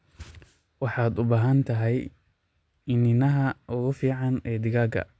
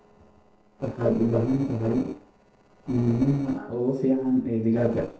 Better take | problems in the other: first | noise reduction (neural separator model SepFormer DNS4)

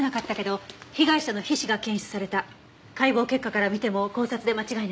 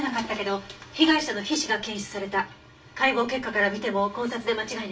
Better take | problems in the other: first | background sound (Gong); 19 dB below the speech // room echo; dies away in 0.2 s

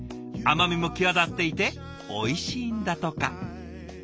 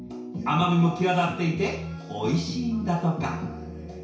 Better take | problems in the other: first | room echo; dies away in 0.6 s

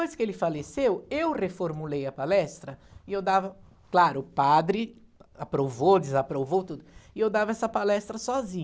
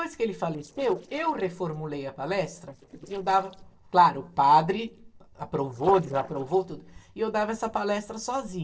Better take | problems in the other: first | noise reduction (neural separator model SepFormer DNS4)

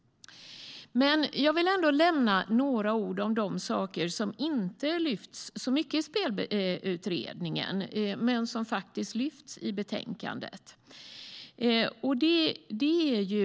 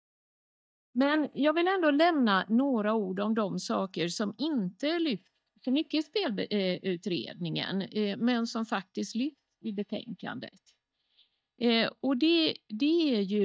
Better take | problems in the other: first | noise reduction (neural mask model DeepFilterNet 3)

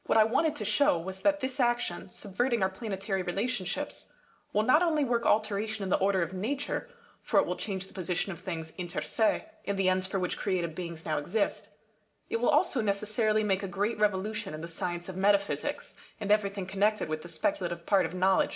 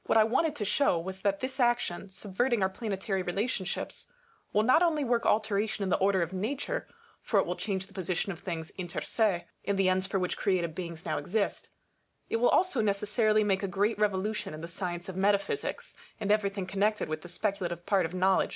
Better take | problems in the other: second | room echo; dies away in 0.4 s

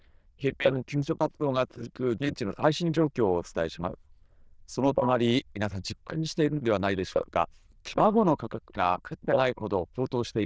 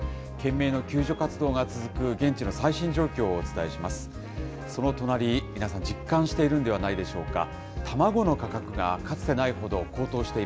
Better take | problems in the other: second | noise reduction (neural diffusion model UNIVERSE++)

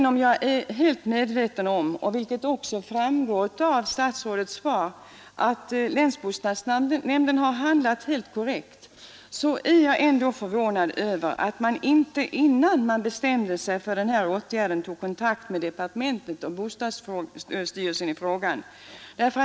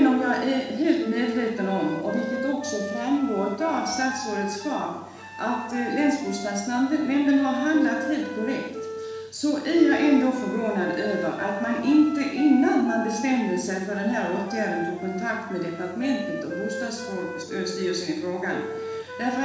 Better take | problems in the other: first | background sound (Wind instrument, woodwind instrument); 10 dB below the speech // room echo; dies away in 1.1 s

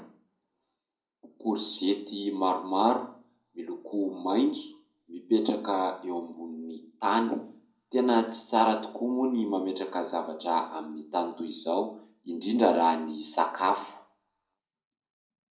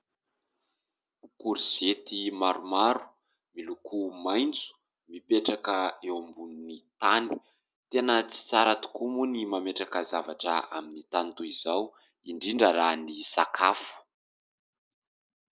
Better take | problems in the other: second | room echo; dies away in 0.5 s

